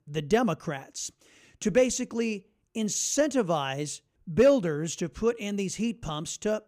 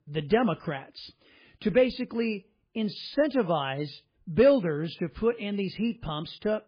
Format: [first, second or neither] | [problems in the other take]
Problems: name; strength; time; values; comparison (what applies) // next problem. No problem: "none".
first | garbled, watery; badly